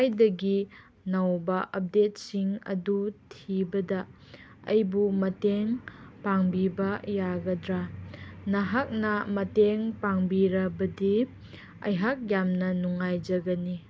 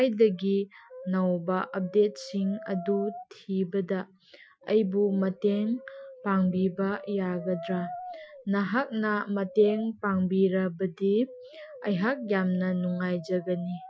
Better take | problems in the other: first | noise reduction (classical method Wiener filter)

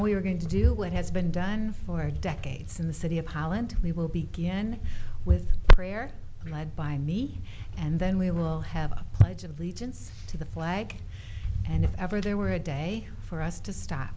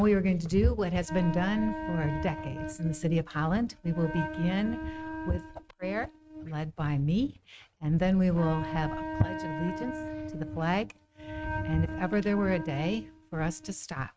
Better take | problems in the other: first | noise reduction (neural mask model RNNoise)

